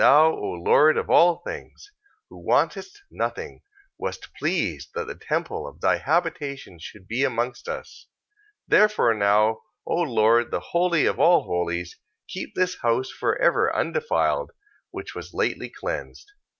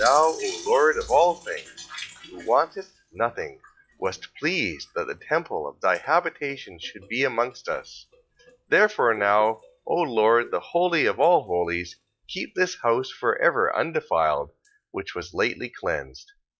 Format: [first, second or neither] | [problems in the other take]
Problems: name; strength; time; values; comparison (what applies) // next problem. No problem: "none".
first | noise reduction (classical method log-MMSE)